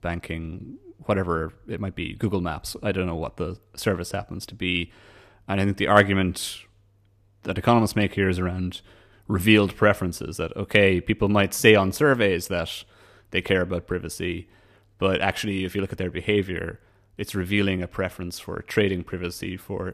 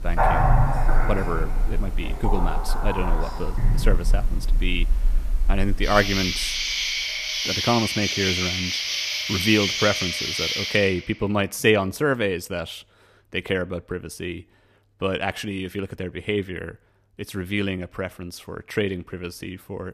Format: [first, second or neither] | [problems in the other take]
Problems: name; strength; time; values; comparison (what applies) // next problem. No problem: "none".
first | animal sounds; very loud; until 11 s; 2 dB above the speech